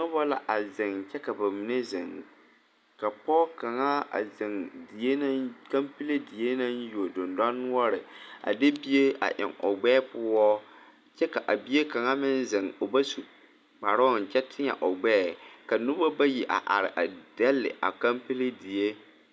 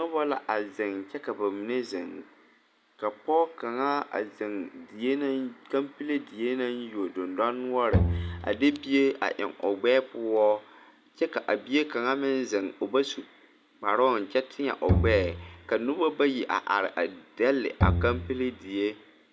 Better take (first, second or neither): first